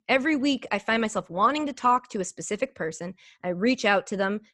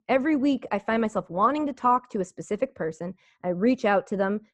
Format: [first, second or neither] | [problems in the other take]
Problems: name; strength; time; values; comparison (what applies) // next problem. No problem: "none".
first | muffled; slightly; fading above 2 kHz